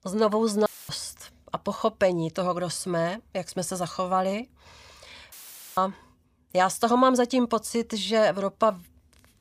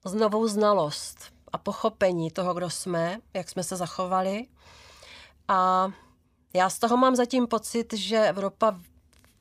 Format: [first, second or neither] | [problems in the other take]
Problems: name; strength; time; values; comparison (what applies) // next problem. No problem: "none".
second | audio cutting out; filled with static; at 0.5 s and at 5.5 s